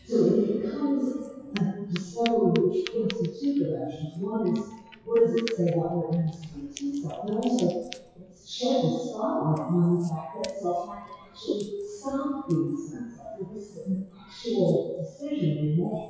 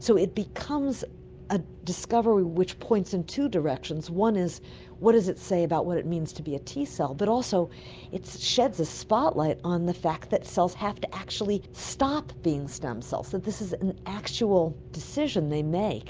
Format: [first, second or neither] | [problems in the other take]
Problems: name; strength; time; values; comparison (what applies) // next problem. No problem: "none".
second | noise reduction (classical method WPE with log-MMSE)